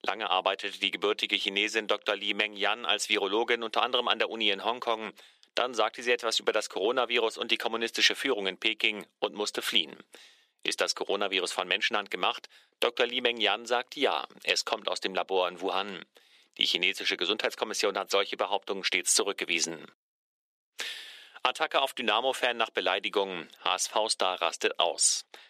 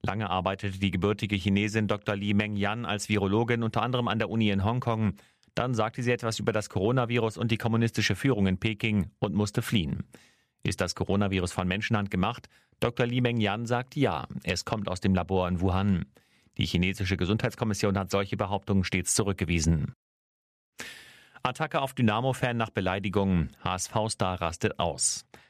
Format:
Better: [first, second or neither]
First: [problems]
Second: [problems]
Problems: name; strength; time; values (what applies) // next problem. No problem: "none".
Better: second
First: thin; very; fading below 350 Hz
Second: none